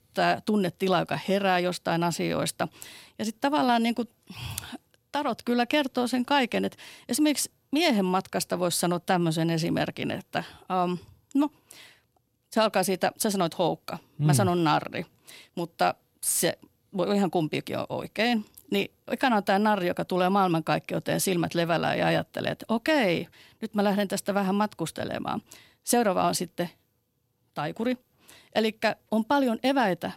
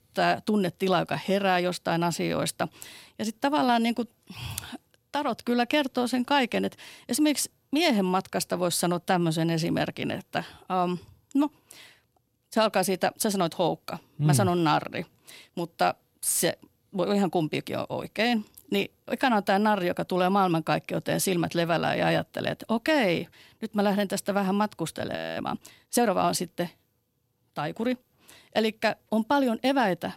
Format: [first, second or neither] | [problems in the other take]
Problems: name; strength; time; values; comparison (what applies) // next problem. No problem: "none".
first | audio freezing; at 25 s